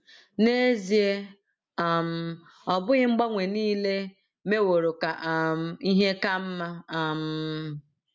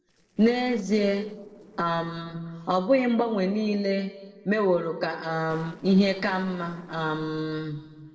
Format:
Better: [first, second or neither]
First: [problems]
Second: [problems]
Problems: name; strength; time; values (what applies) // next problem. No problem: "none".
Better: first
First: none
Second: noise reduction (neural separator model SepFormer DNS4)